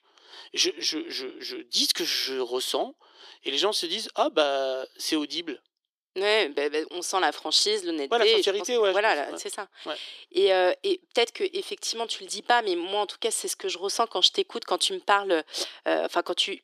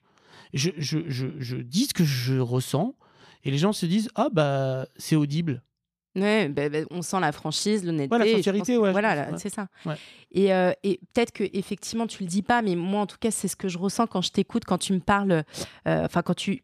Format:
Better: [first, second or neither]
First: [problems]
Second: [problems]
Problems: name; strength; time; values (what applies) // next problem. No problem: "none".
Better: second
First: thin; very; fading below 350 Hz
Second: none